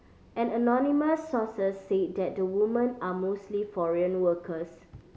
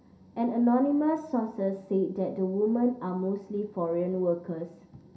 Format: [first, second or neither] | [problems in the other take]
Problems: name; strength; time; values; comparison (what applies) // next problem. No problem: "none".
first | room echo; dies away in 0.3 s